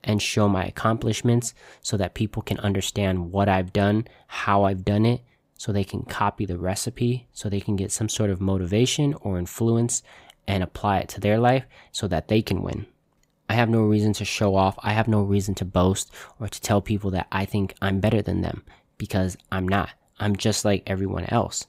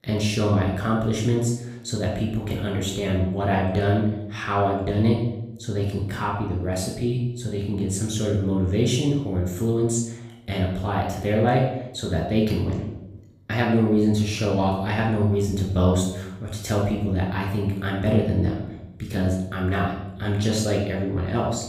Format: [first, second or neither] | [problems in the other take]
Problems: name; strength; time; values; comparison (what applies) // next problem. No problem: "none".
first | off-mic speech; far // room echo; noticeable; dies away in 0.7 s